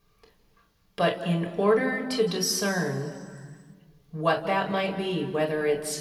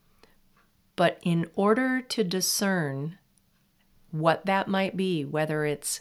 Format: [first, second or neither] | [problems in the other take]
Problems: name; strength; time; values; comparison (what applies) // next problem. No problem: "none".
second | room echo; slight; dies away in 1.7 s // off-mic speech; somewhat distant